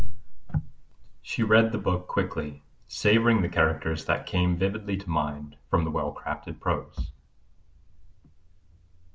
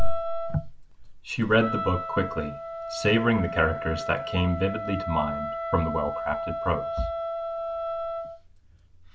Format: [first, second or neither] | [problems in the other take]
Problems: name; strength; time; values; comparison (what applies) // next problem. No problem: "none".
first | background sound (Wind instrument, woodwind instrument); 7 dB below the speech